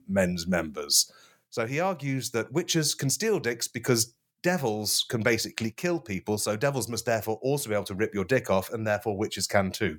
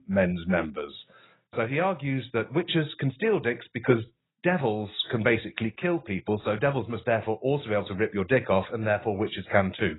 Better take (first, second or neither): first